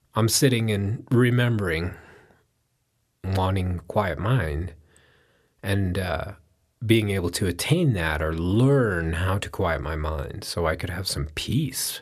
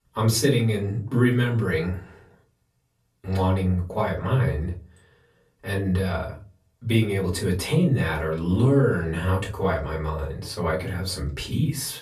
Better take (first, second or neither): first